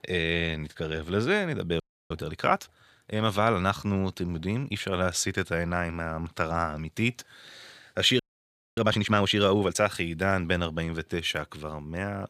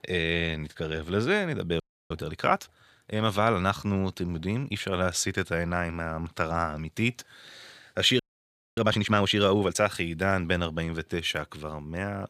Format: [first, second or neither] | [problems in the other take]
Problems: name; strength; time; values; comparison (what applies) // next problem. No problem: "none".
neither | audio freezing; at 2 s and at 8 s for 0.5 s; the same in both